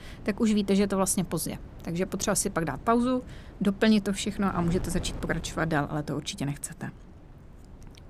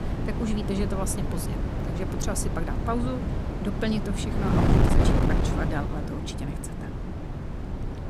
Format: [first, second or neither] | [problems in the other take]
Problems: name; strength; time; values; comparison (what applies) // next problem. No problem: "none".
first | wind noise on the microphone; heavy; as loud as the speech; occasional gusts in the first